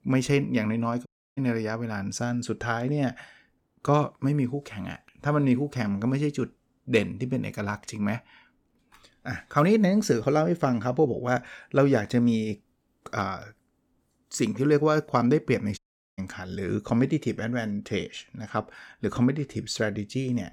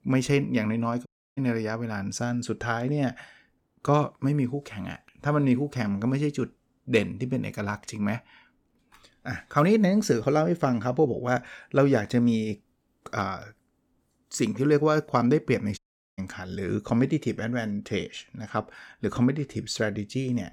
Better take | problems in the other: neither | audio cutting out; at 1 s and at 16 s; the same in both

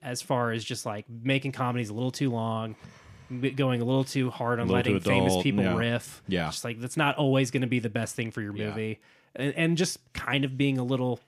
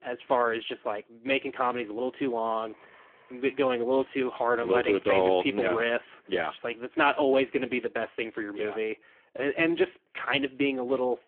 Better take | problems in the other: first | phone-call audio; poor line

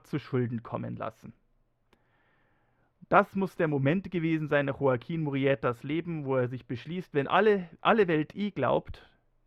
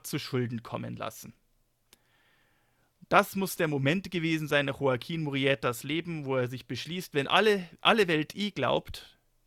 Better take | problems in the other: second | muffled; very; fading above 3.5 kHz

